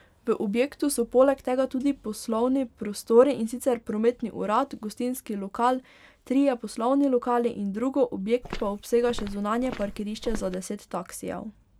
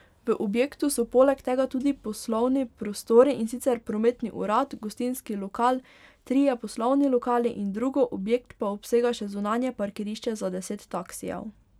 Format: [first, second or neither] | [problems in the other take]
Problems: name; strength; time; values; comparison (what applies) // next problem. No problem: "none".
second | background sound (Walk, footsteps); 11 dB below the speech